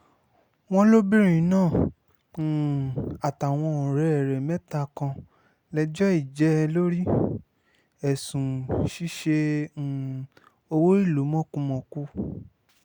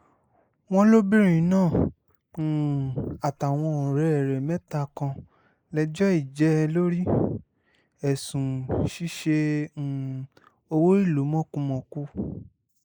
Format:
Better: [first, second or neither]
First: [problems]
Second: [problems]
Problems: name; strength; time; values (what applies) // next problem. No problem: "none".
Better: first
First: none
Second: noise reduction (neural mask model Resemble Enhance denoiser)